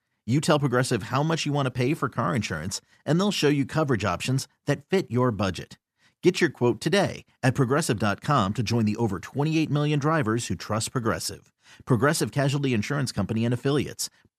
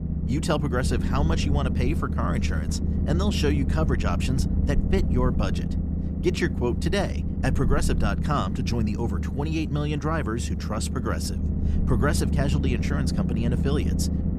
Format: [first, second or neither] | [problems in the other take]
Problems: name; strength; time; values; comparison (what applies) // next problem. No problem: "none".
first | low rumble; loud; throughout; 7 dB below the speech